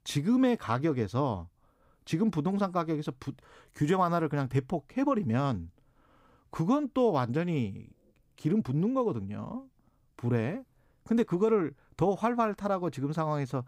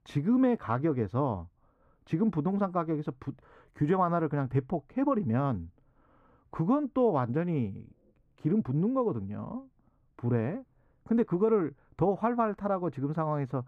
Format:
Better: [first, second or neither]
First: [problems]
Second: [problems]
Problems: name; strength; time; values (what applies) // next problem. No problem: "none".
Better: first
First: none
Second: muffled; very; fading above 3 kHz